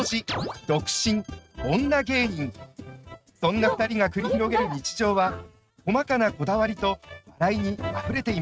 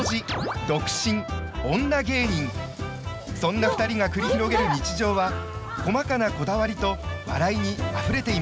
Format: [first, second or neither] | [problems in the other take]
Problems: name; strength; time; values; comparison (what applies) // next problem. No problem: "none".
second | noise reduction (neural mask model RNNoise)